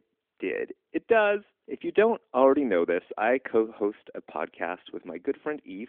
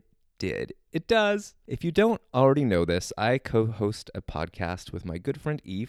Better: second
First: phone-call audio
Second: none

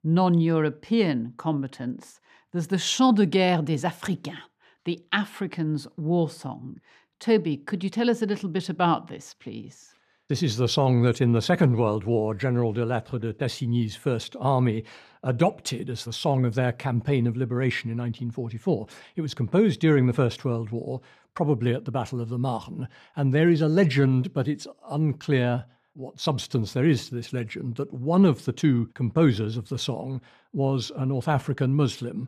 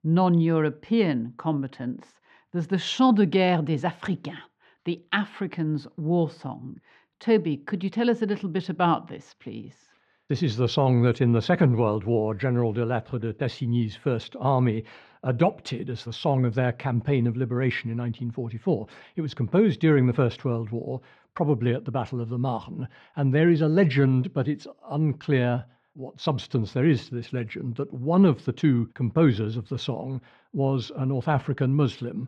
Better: first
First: none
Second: muffled; very slightly; fading above 3.5 kHz

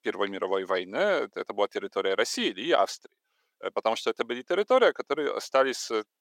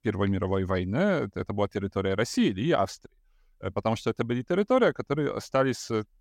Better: second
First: thin; somewhat; fading below 400 Hz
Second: none

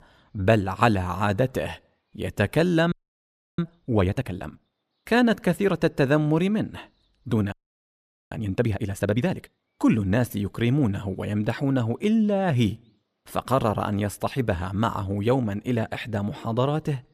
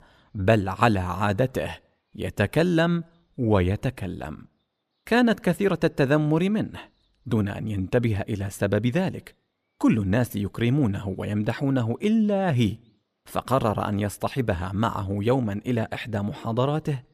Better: second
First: audio freezing; at 3 s for 0.5 s and at 7.5 s for 1 s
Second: none

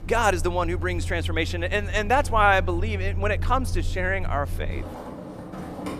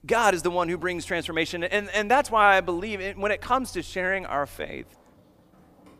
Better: second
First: traffic noise; loud; throughout; 6 dB below the speech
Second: traffic noise; faint; throughout; 25 dB below the speech

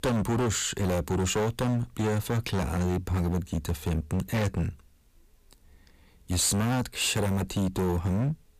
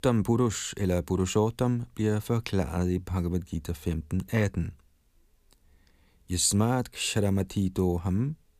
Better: second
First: distortion; heavy; 18% of the sound clipped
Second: none

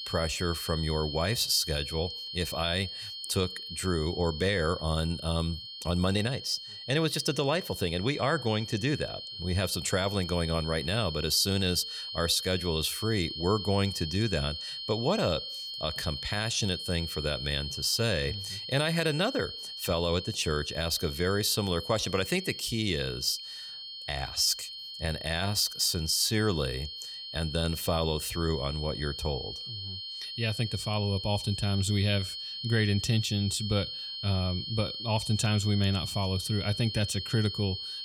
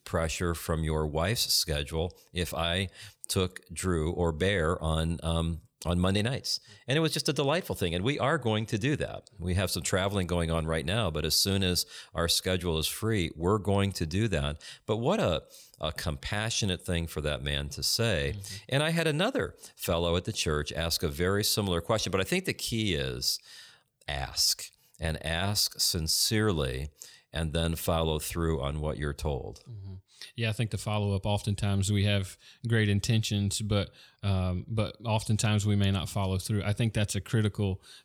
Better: second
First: high-pitched whine; loud; throughout; 4.5 kHz, 7 dB below the speech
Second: none

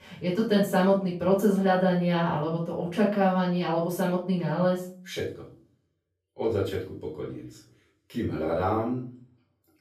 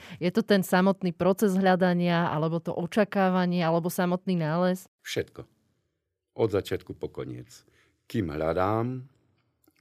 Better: second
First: off-mic speech; far // room echo; noticeable; dies away in 0.4 s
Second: none

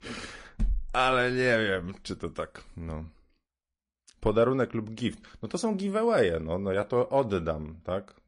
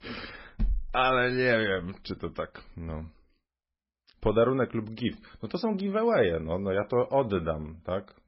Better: first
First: garbled, watery; slightly; nothing above 10.5 kHz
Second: garbled, watery; badly; nothing above 5.5 kHz

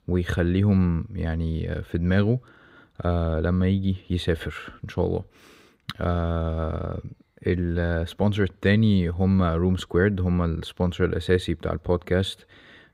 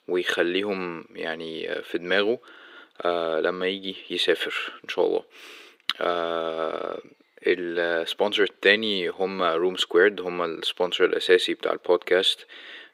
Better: first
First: none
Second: thin; very; fading below 350 Hz

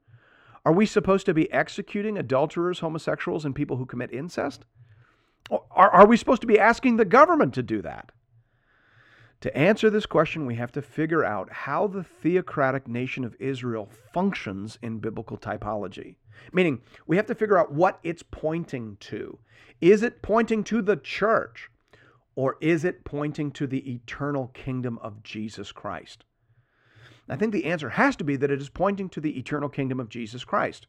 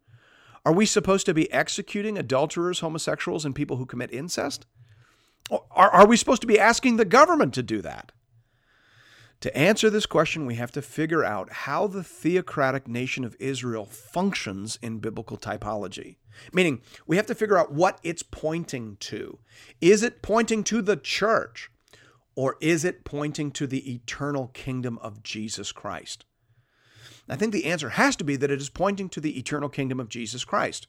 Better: second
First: muffled; slightly; fading above 3.5 kHz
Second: none

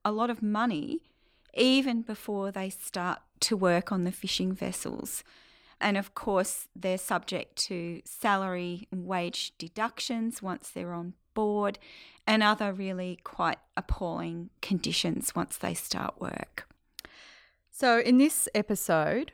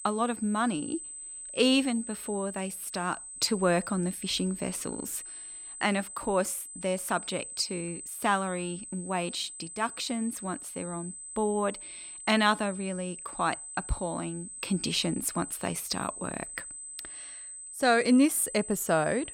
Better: first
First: none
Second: high-pitched whine; loud; throughout; 8 kHz, 10 dB below the speech

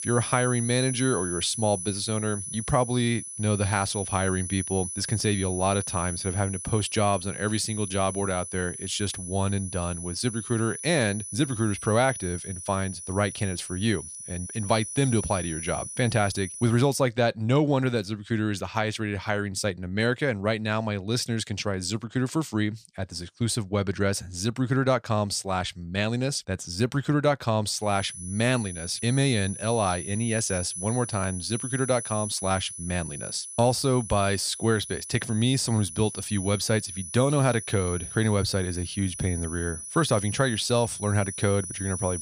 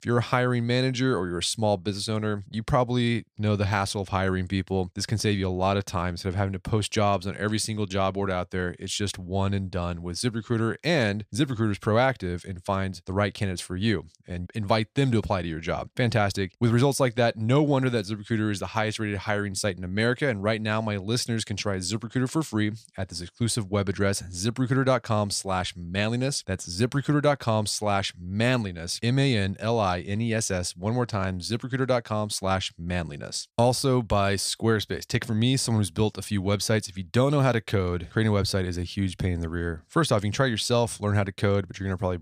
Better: second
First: high-pitched whine; loud; until 17 s and from 28 s on; 10 kHz, 8 dB below the speech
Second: none

